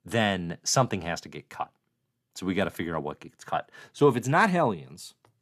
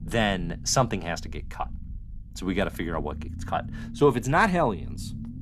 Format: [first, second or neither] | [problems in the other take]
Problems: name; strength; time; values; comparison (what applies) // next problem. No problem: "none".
first | low rumble; faint; throughout; 25 dB below the speech